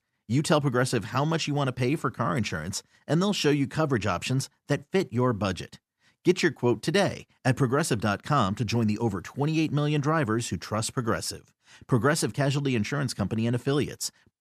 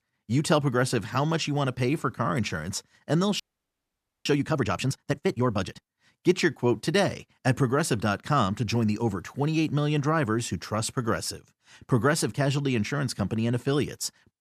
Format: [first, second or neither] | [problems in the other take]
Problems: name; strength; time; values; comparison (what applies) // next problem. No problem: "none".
first | audio freezing; at 3.5 s for 1 s